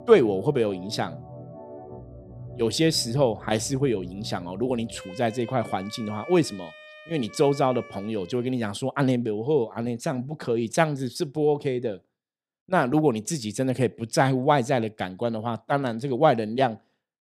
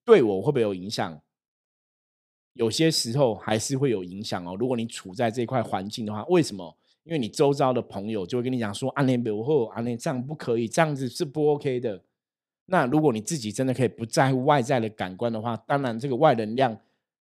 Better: second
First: background music; noticeable; until 8 s; 15 dB below the speech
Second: none

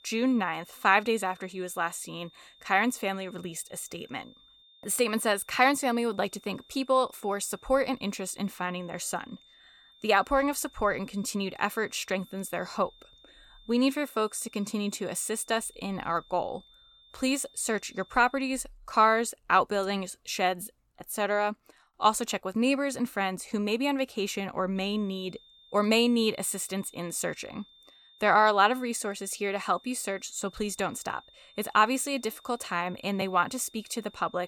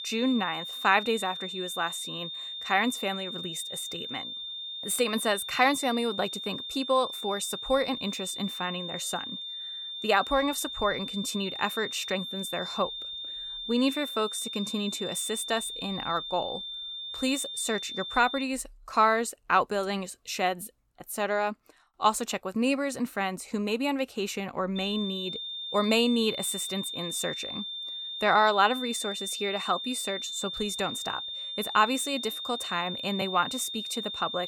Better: first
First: high-pitched whine; faint; until 18 s and from 25 s on; 3.5 kHz, 25 dB below the speech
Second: high-pitched whine; loud; until 18 s and from 25 s on; 3.5 kHz, 6 dB below the speech

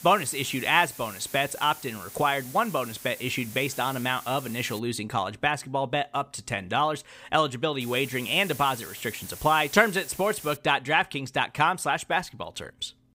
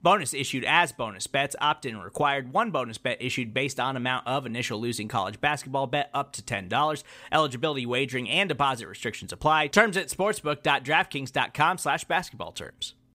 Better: second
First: hiss; noticeable; until 5 s and from 8 to 11 s; 15 dB below the speech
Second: none

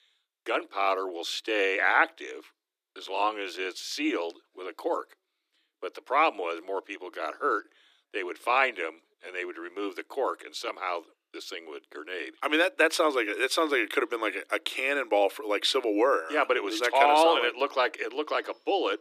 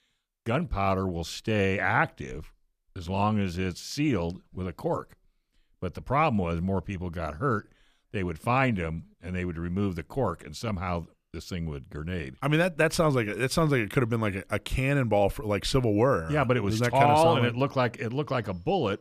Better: second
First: thin; very; fading below 300 Hz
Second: none

